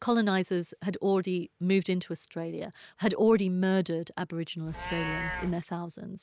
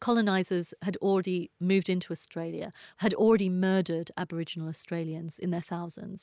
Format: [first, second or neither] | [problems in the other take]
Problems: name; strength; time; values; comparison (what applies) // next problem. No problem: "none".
second | background sound (Livestock, farm animals, working animals); 15 dB below the speech